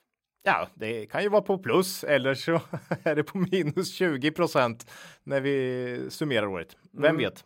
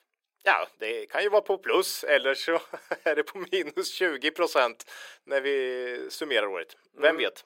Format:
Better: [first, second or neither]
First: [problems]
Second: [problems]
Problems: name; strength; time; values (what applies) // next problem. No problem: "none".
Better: first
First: none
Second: thin; very; fading below 400 Hz